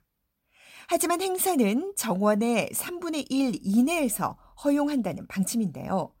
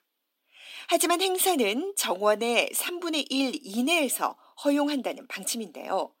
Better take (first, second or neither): first